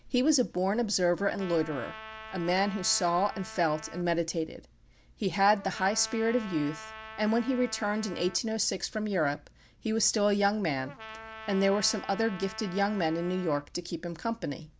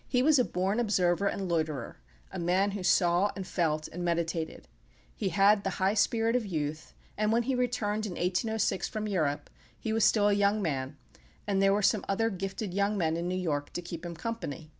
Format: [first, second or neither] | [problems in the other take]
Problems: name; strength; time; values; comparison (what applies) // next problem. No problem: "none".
second | background sound (Trumpet); 16 dB below the speech